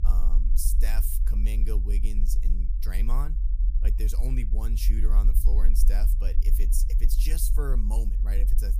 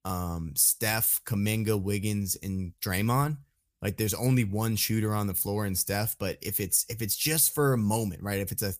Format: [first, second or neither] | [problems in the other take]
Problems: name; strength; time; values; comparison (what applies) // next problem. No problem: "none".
second | low rumble; loud; throughout; 9 dB below the speech